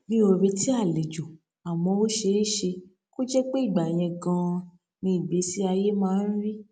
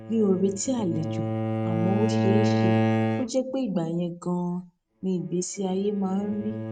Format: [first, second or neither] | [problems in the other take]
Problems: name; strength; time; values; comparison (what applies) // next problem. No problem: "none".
first | noise reduction (neural mask model RNNoise)